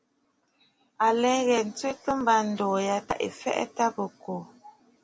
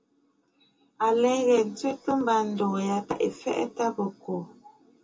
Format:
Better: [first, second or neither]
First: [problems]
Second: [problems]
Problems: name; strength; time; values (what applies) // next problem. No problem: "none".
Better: first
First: none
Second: room echo; dies away in 0.2 s